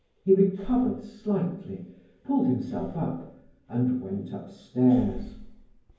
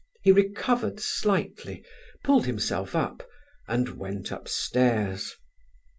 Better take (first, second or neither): second